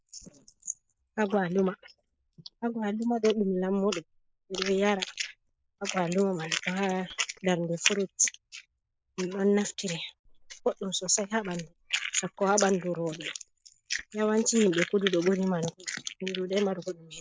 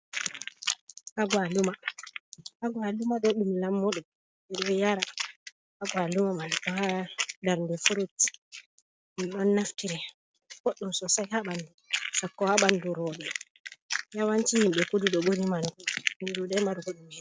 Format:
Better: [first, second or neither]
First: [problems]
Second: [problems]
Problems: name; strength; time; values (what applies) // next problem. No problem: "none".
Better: second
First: noise reduction (neural mask model Resemble Enhance denoiser)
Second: none